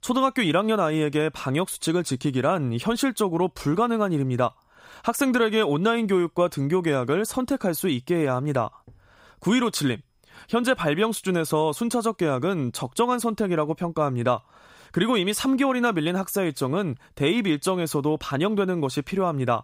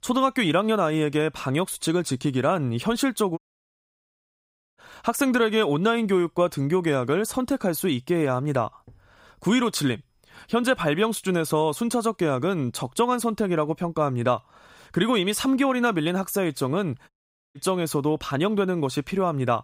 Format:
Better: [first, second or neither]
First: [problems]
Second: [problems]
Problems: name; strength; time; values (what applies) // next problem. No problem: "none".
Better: first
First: none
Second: audio cutting out; at 3.5 s for 1.5 s and at 17 s